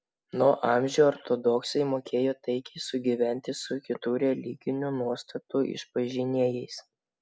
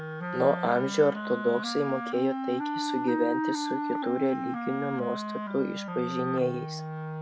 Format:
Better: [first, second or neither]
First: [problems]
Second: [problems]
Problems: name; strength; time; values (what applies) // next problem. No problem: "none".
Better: first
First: none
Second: background sound (Wind instrument, woodwind instrument); 4 dB below the speech